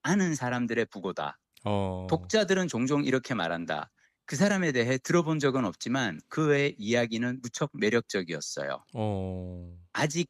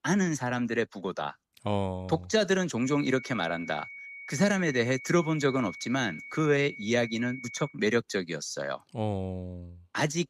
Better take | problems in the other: first | high-pitched whine; noticeable; from 3 to 7.5 s; 2 kHz, 15 dB below the speech

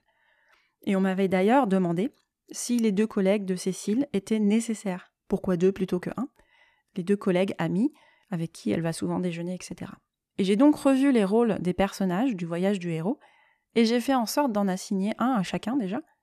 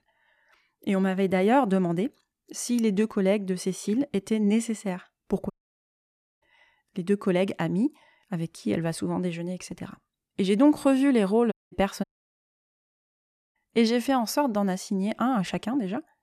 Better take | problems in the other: first | audio cutting out; at 5.5 s for 1 s and at 12 s for 1.5 s

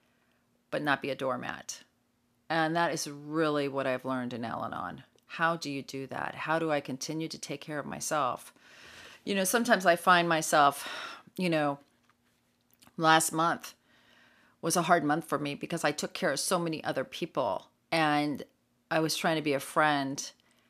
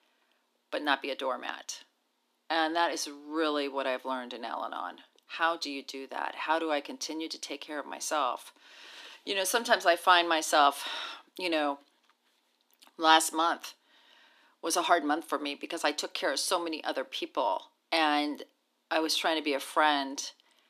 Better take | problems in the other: first | thin; very slightly; fading below 300 Hz

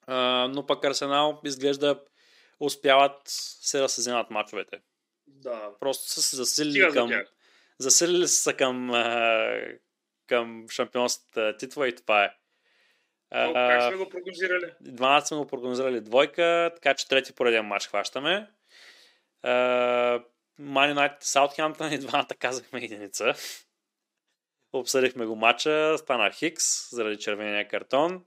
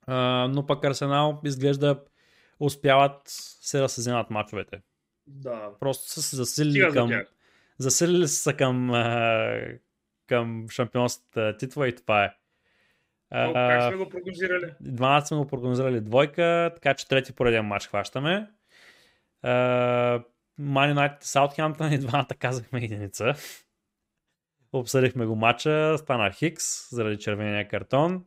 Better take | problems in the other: second | thin; somewhat; fading below 300 Hz

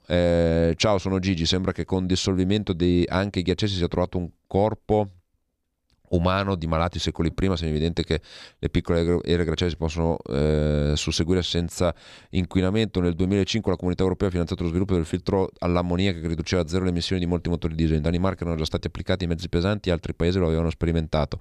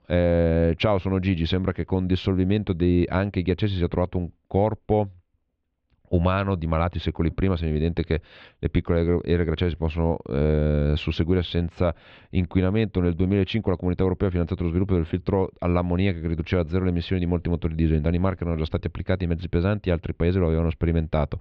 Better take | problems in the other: first | muffled; slightly; fading above 3 kHz

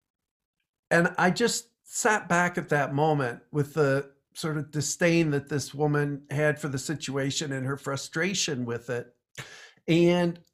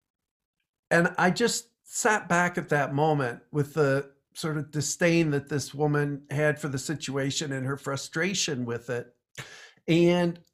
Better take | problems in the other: neither | none

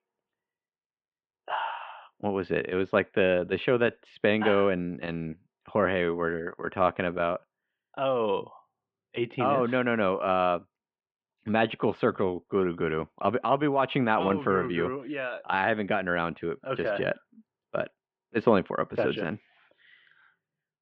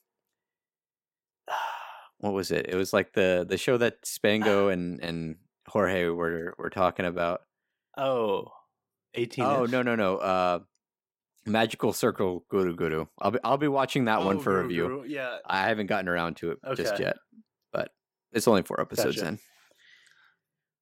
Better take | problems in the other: second | muffled; very; fading above 3 kHz

